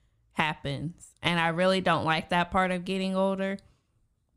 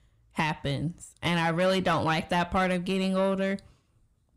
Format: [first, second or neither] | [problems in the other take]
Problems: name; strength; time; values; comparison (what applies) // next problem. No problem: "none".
first | distortion; slight; 10 dB below the speech